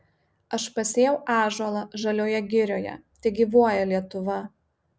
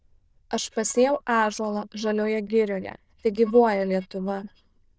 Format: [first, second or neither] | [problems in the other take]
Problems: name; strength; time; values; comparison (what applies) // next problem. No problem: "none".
first | noise reduction (neural diffusion model UNIVERSE++)